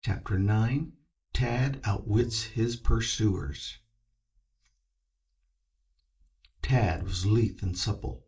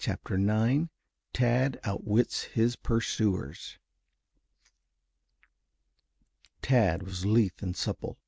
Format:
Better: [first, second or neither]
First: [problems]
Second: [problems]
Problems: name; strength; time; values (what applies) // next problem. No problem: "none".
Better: second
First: noise reduction (neural mask model DeepFilterNet 3)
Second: none